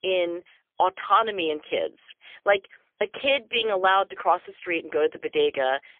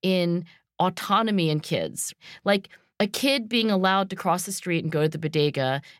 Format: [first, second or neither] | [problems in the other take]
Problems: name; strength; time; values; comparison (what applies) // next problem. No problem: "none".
second | phone-call audio; poor line; nothing above 3.5 kHz